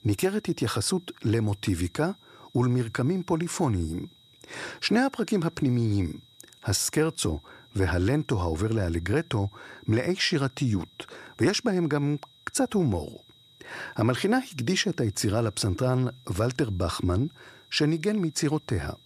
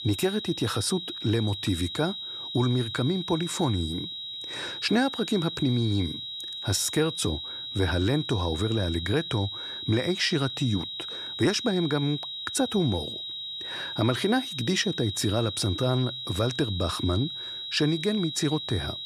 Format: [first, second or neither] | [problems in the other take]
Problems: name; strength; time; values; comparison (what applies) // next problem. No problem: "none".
first | high-pitched whine; loud; throughout; 4 kHz, 6 dB below the speech; faint in the first